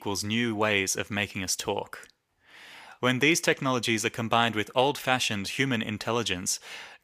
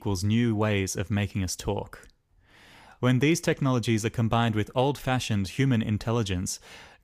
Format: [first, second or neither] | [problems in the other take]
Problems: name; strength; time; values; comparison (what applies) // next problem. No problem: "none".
second | thin; somewhat; fading below 550 Hz